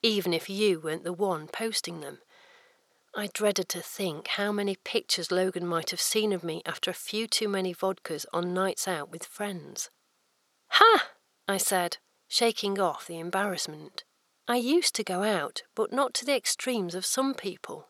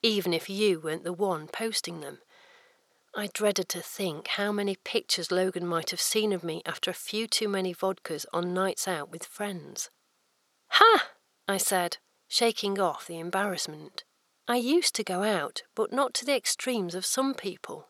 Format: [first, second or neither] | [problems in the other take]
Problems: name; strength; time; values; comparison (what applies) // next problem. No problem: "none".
neither | thin; somewhat; fading below 400 Hz; the same in both